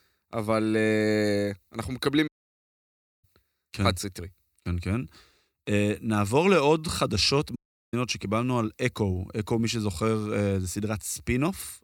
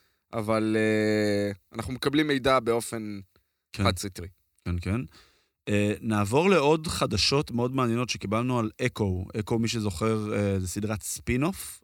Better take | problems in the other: second | audio cutting out; at 2.5 s for 1 s and at 7.5 s

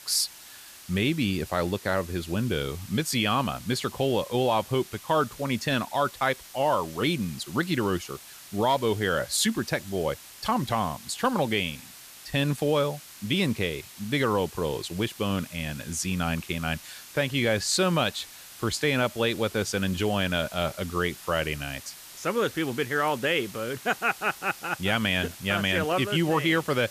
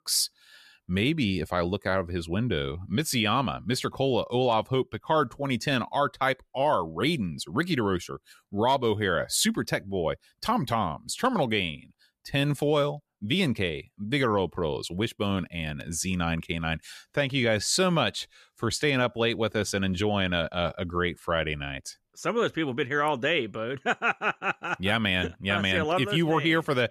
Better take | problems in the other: second | hiss; noticeable; throughout; 15 dB below the speech

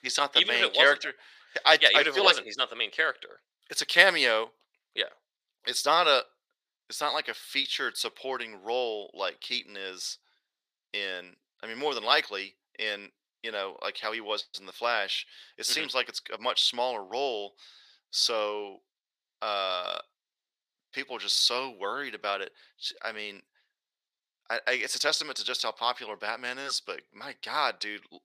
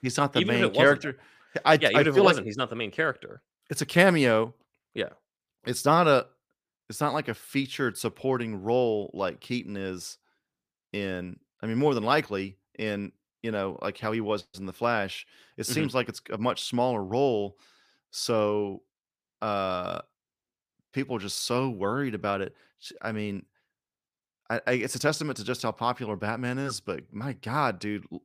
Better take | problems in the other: second | thin; very; fading below 600 Hz

